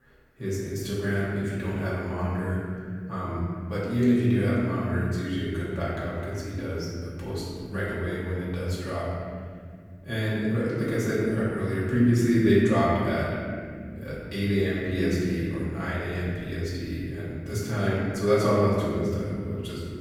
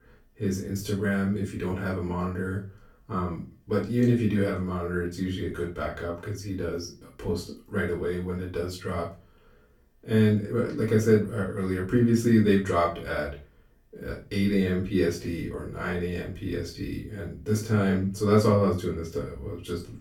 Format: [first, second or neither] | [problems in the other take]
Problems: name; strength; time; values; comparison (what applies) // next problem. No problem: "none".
second | room echo; strong; dies away in 2.4 s; slight in the second // off-mic speech; far; far in the second